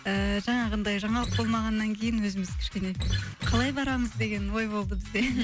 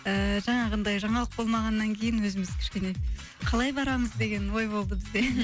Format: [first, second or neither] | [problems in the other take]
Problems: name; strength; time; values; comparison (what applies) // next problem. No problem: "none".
second | background sound (Acoustic guitar); 3 dB below the speech